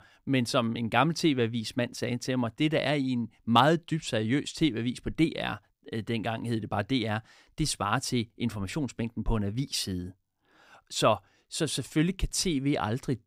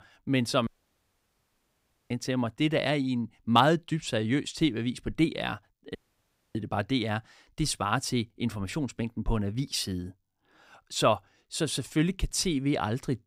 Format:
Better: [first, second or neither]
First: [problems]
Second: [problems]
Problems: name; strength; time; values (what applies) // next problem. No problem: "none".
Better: first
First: none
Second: audio cutting out; at 0.5 s for 1.5 s and at 6 s for 0.5 s